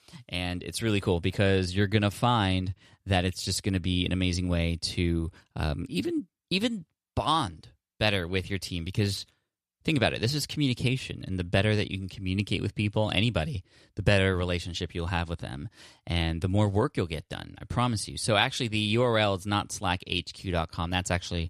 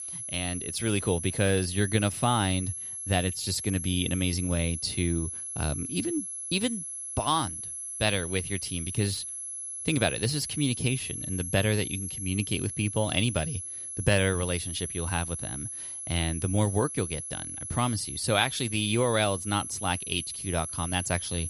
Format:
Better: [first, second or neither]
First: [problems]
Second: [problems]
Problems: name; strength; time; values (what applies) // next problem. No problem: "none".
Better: first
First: none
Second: high-pitched whine; loud; throughout; 11 kHz, 5 dB below the speech